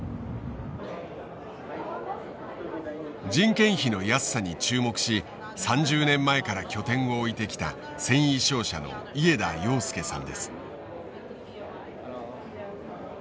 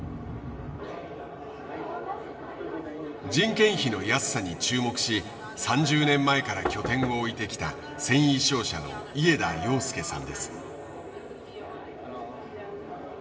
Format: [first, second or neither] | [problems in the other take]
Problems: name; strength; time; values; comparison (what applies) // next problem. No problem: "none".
first | background sound (Knock); 8 dB below the speech // room echo; dies away in 2.3 s